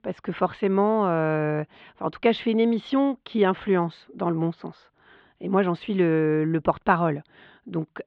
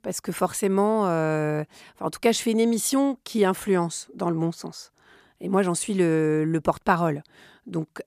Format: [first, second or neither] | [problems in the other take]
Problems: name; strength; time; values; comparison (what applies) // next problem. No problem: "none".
second | muffled; very; fading above 3.5 kHz